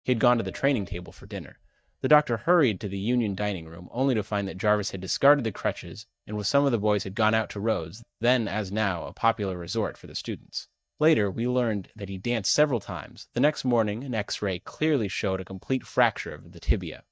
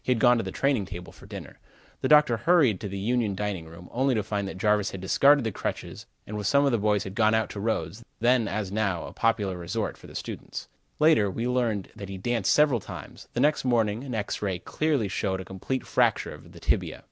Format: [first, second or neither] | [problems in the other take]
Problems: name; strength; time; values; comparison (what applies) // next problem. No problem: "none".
second | noise reduction (neural mask model DeepFilterNet 3)